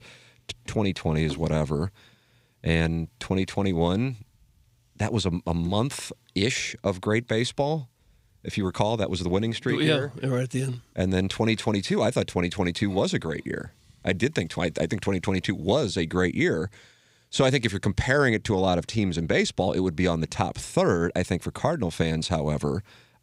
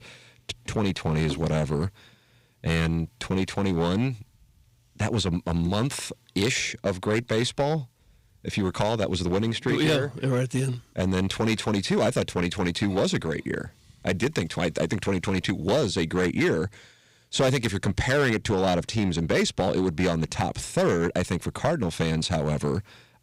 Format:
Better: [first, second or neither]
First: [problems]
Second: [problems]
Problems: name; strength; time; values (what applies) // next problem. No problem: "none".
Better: first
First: none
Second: distortion; slight; 5% of the sound clipped